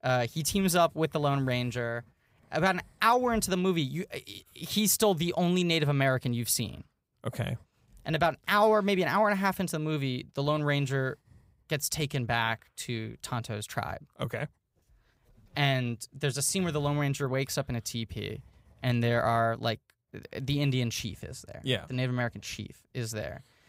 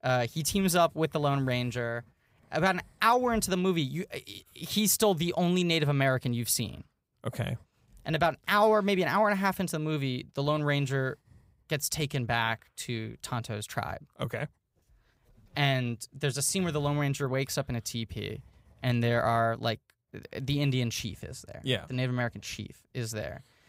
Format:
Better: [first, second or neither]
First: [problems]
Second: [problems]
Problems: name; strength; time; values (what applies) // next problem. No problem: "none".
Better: neither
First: none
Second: none